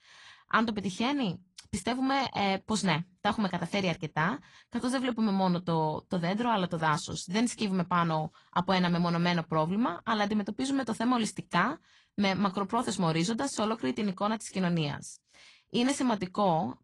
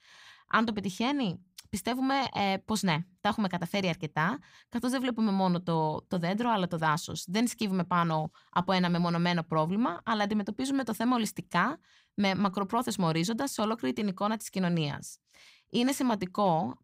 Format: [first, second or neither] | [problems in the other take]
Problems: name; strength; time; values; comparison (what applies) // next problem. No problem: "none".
second | garbled, watery; slightly; nothing above 10 kHz